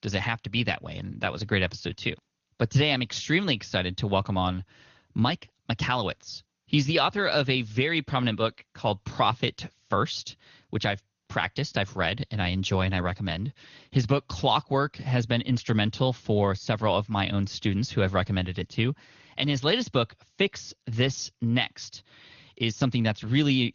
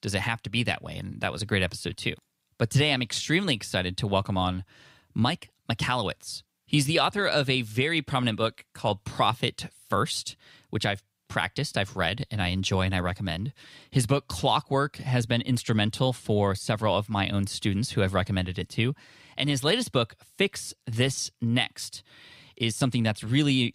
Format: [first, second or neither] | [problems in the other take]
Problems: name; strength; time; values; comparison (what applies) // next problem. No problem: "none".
second | garbled, watery; slightly; nothing above 6.5 kHz